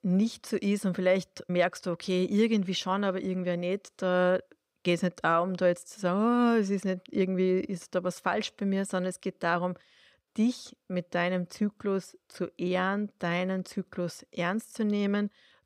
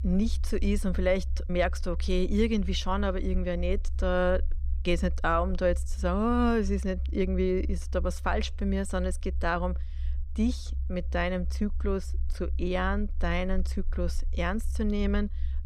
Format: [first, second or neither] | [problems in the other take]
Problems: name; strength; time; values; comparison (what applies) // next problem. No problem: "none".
first | low rumble; faint; throughout; 25 dB below the speech